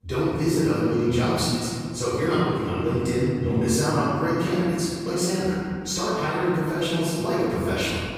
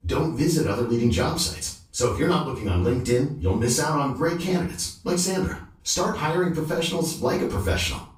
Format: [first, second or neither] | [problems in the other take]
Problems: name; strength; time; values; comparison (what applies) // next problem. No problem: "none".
second | room echo; strong; dies away in 2.3 s; slight in the second // off-mic speech; far; far in the second